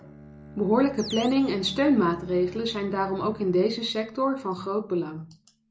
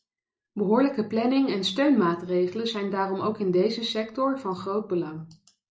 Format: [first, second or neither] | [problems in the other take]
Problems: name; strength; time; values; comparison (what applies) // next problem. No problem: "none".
second | background sound (Bowed string instrument + Animal); 18 dB below the speech